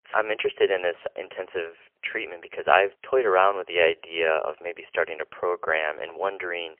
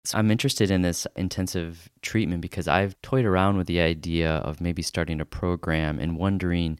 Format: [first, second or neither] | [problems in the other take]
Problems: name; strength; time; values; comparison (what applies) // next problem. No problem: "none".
second | phone-call audio; poor line; nothing above 3 kHz